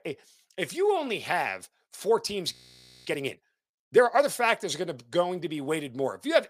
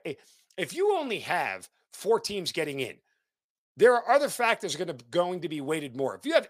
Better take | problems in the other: second | audio freezing; at 2.5 s for 0.5 s

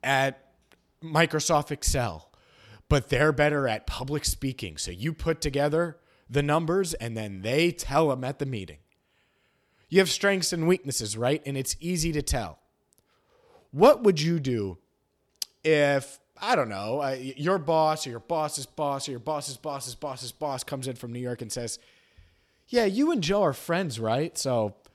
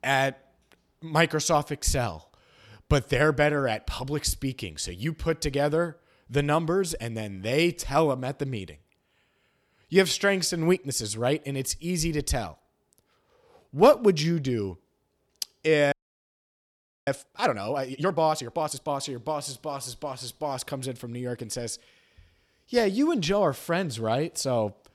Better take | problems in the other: first | audio freezing; at 16 s for 1 s

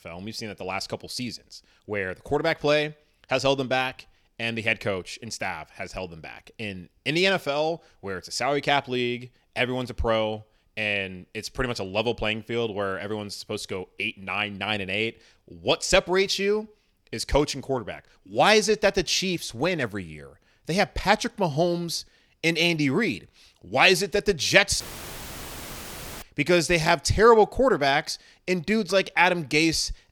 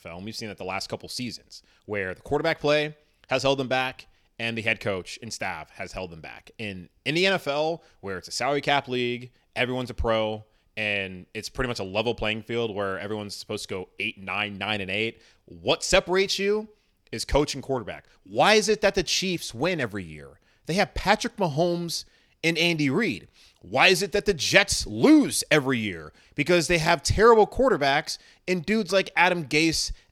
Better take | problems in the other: second | audio cutting out; filled with static; at 25 s for 1.5 s

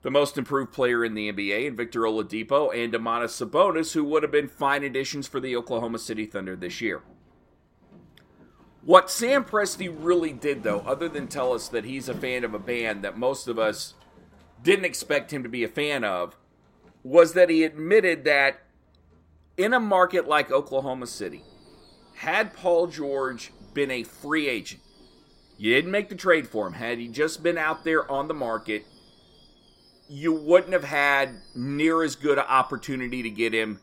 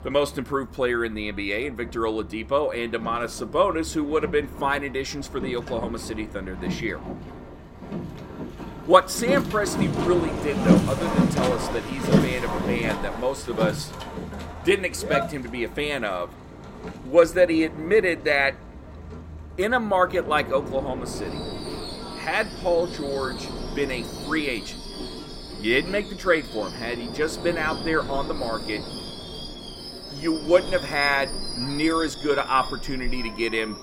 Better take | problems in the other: first | train or aircraft noise; loud; throughout; 6 dB below the speech; faint in the first

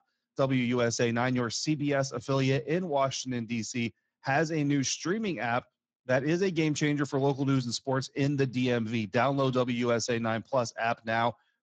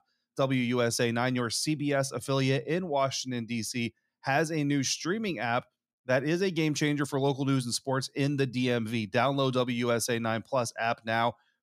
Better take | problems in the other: second | garbled, watery; badly

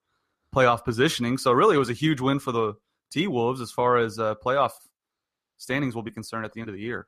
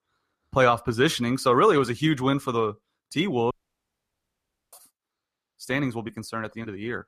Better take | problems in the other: first | audio cutting out; at 3.5 s for 1 s

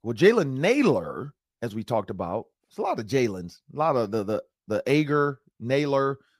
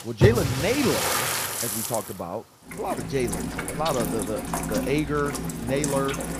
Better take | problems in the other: first | rain or running water; very loud; throughout; as loud as the speech

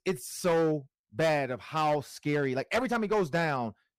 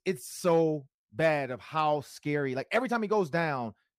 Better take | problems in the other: second | distortion; slight; 9% of the sound clipped

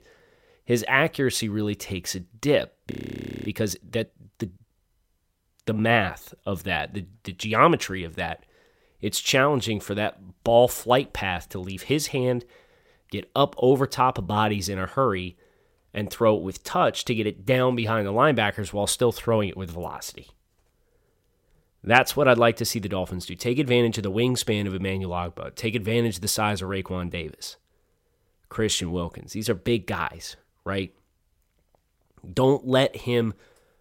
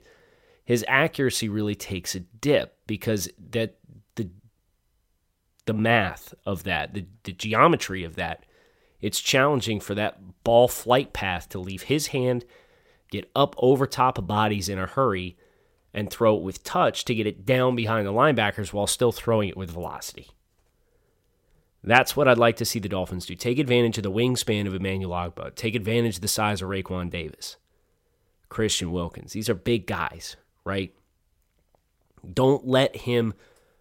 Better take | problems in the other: second | audio freezing; at 3 s for 0.5 s

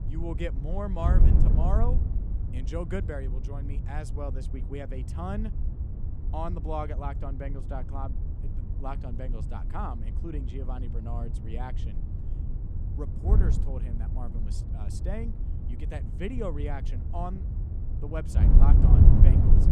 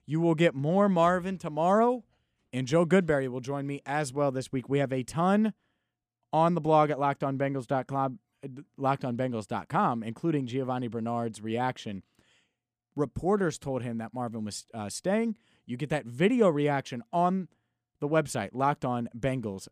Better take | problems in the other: second | wind noise on the microphone; heavy; 4 dB below the speech

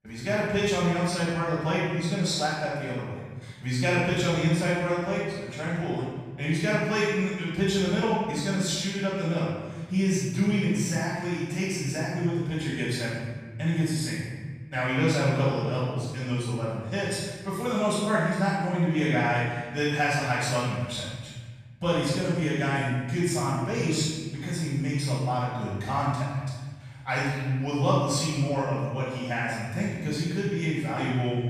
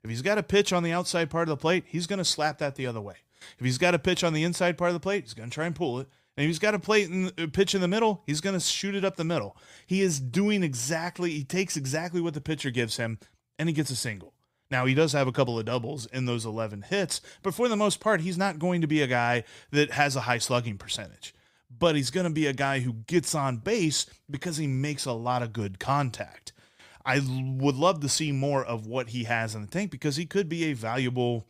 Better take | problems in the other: second | off-mic speech; far // room echo; strong; dies away in 1.5 s

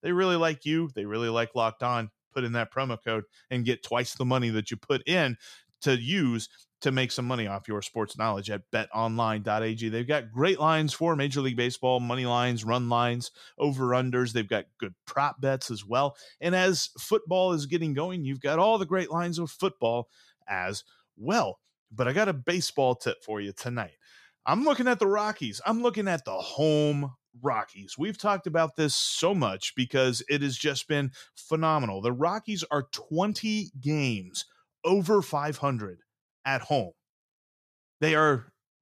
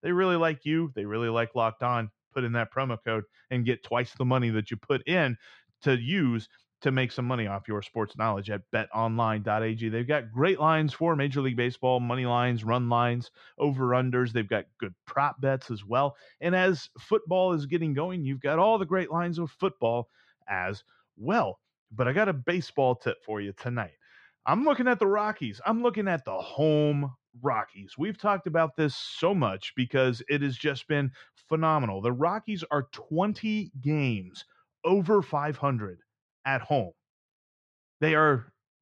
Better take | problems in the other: first | muffled; slightly; fading above 2 kHz

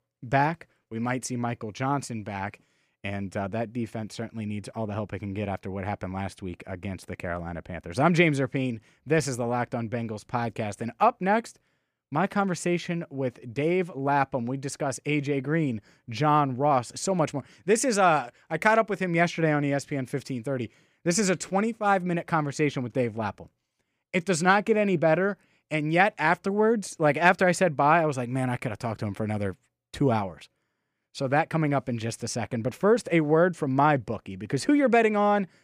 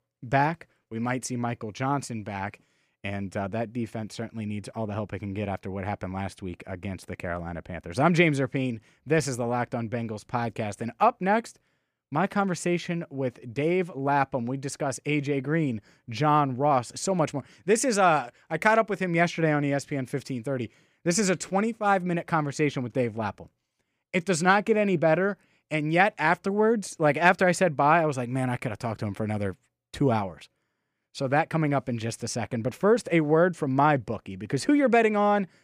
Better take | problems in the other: neither | none

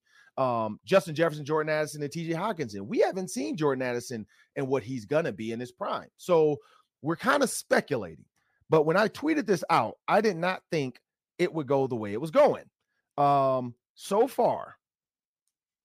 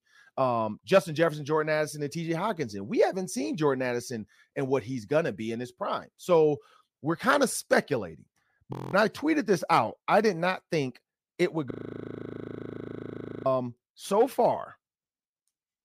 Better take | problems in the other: first | audio freezing; at 8.5 s and at 12 s for 2 s

